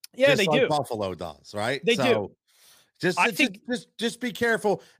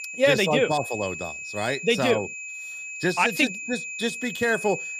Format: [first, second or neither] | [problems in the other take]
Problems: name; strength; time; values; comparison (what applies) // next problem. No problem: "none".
first | high-pitched whine; loud; throughout; 2.5 kHz, 9 dB below the speech